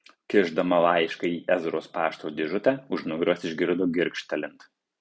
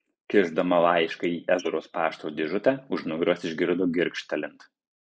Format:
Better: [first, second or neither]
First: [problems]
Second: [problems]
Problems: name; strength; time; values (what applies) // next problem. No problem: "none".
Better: first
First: none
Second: noise reduction (neural mask model Resemble Enhance denoiser)